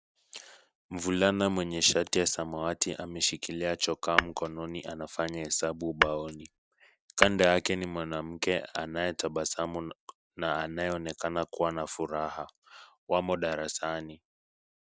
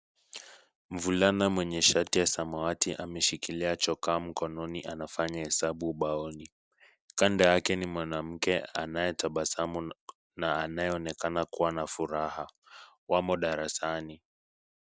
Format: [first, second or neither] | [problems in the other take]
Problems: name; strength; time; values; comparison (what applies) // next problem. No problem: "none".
second | background sound (Tap / Glass); 1 dB above the speech